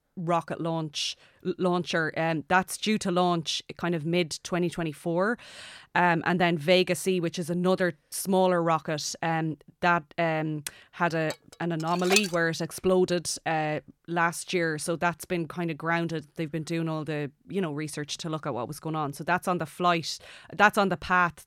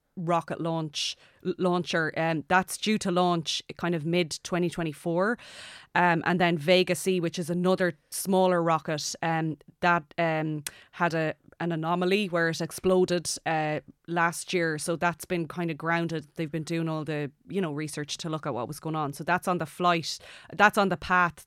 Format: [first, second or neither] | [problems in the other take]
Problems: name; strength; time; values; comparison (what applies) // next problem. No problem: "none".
second | clattering dishes; loud; at 11 s; peak 2 dB above the speech